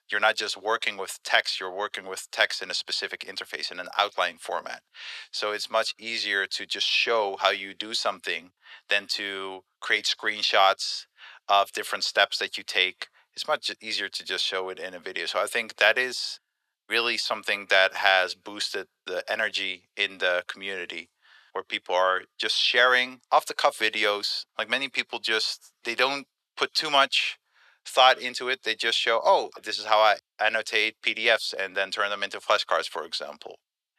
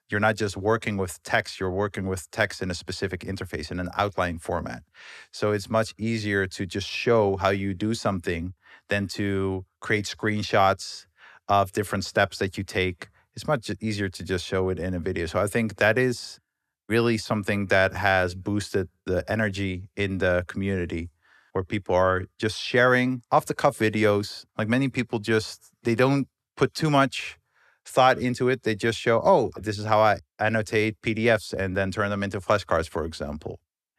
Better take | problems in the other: second | thin; very; fading below 700 Hz

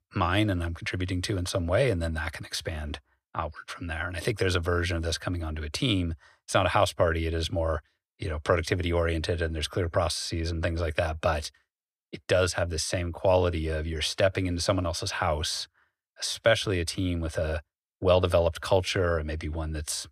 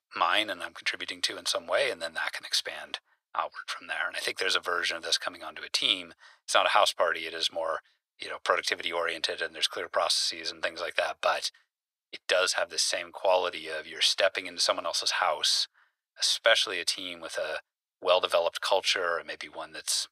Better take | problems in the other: first | thin; very; fading below 800 Hz

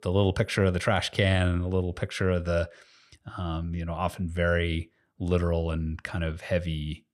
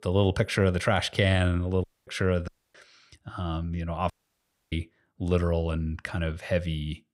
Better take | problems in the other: first | audio cutting out; at 2 s, at 2.5 s and at 4 s for 0.5 s

